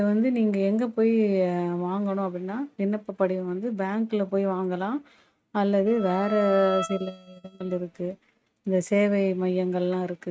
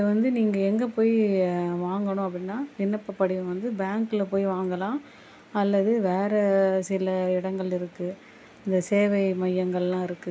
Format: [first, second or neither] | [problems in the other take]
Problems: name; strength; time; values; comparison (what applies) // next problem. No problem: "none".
second | noise reduction (neural mask model RNNoise)